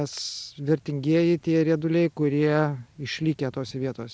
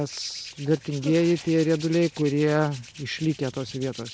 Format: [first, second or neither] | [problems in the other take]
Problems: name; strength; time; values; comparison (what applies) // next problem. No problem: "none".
first | background sound (Hands); 18 dB below the speech